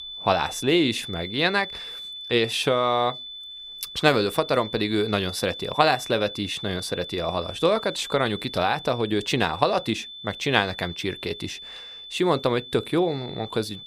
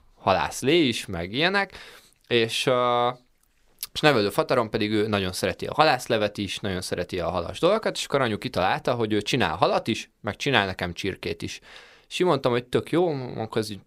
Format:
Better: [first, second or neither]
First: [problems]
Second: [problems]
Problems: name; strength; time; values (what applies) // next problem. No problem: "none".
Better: second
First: high-pitched whine; noticeable; throughout; 3.5 kHz, 10 dB below the speech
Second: none